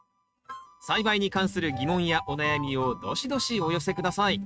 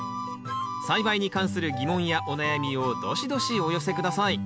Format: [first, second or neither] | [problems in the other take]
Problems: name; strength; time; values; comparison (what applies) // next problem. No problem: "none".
second | noise reduction (neural mask model RNNoise)